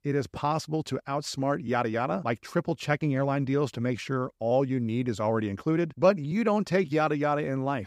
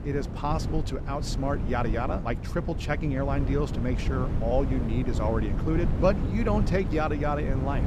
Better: first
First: none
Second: wind noise on the microphone; heavy; 9 dB below the speech

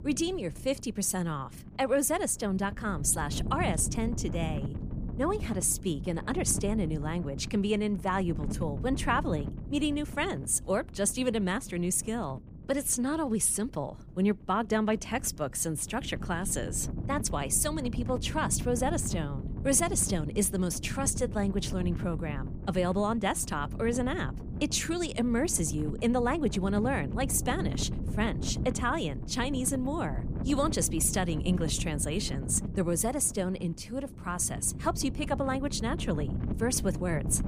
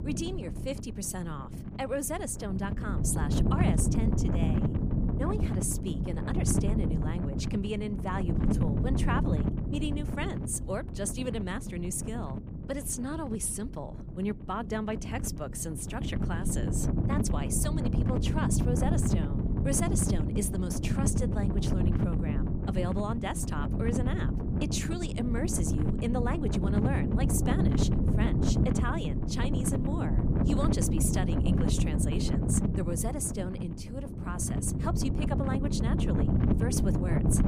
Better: first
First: wind noise on the microphone; occasional gusts; 15 dB below the speech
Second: wind noise on the microphone; heavy; 2 dB below the speech

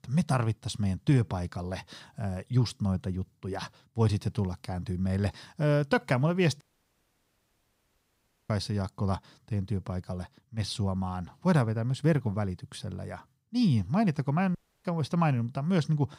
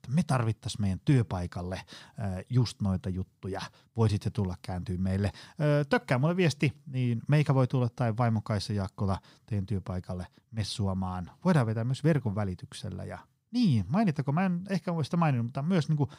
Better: second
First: audio cutting out; at 6.5 s for 2 s and at 15 s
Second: none

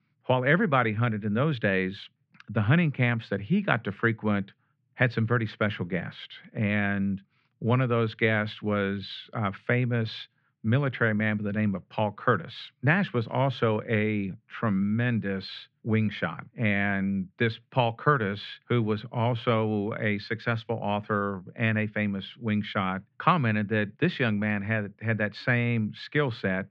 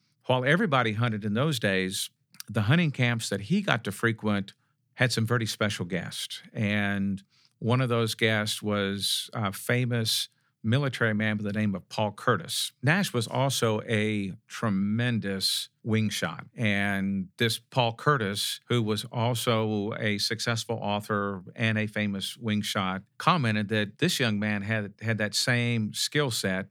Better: second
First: muffled; very; fading above 2.5 kHz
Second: none

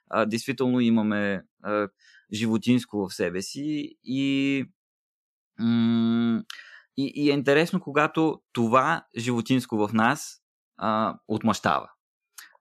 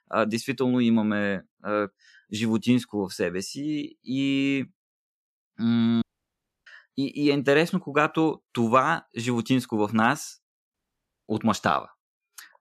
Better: first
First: none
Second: audio cutting out; at 6 s for 0.5 s and at 11 s for 0.5 s

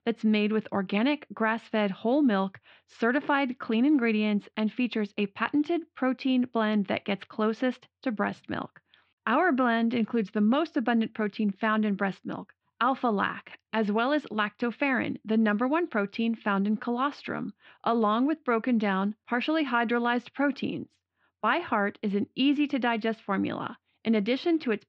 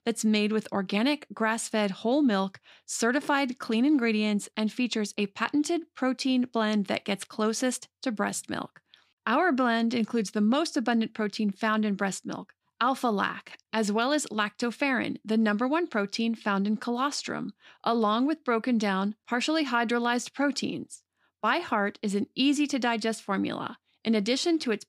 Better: second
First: muffled; very; fading above 3 kHz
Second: none

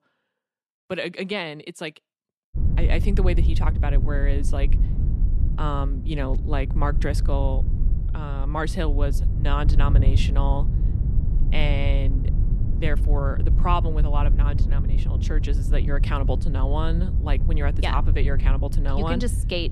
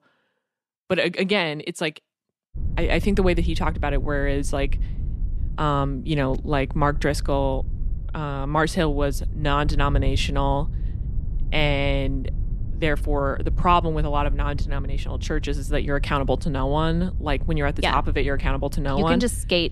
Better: second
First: low rumble; loud; from 2.5 s on; 10 dB below the speech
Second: low rumble; faint; from 2.5 s on; 20 dB below the speech

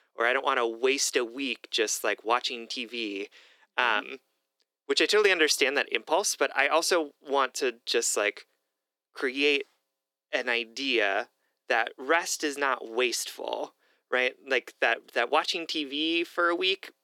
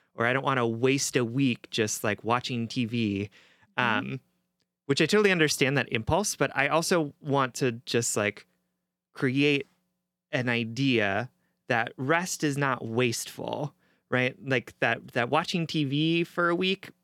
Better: second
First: thin; somewhat; fading below 350 Hz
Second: none

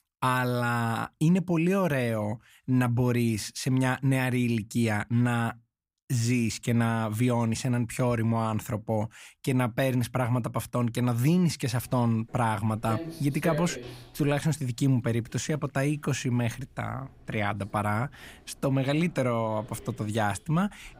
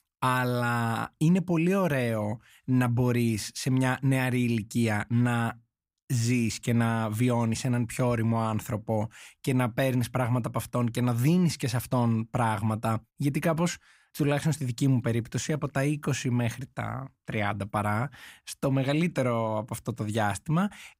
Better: second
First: footsteps; noticeable; from 12 s on; peak 8 dB below the speech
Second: none

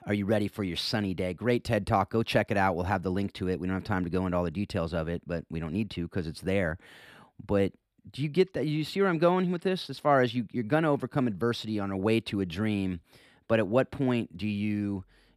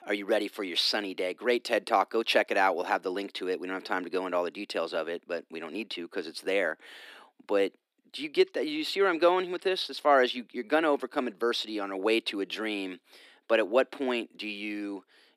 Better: first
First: none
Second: thin; somewhat; fading below 300 Hz

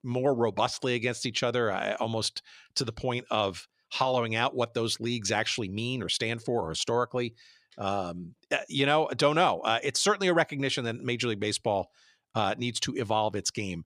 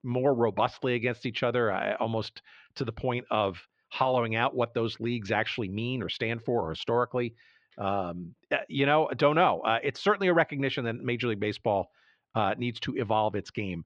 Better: first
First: none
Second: muffled; very; fading above 3 kHz

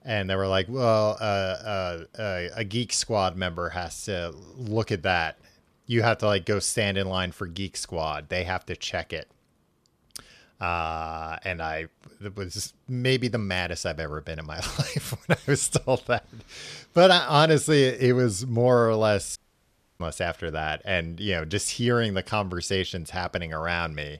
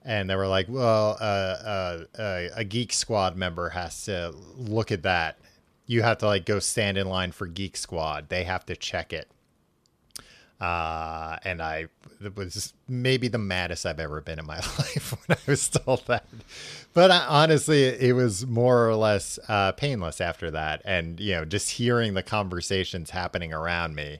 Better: second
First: audio cutting out; at 19 s for 0.5 s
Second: none

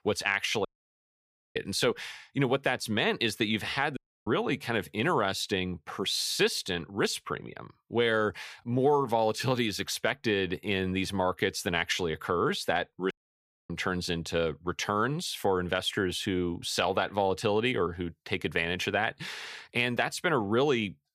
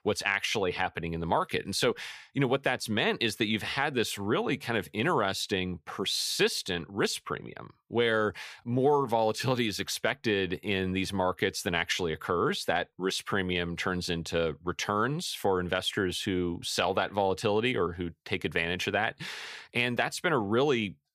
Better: second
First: audio cutting out; at 0.5 s for 1 s, at 4 s and at 13 s for 0.5 s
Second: none

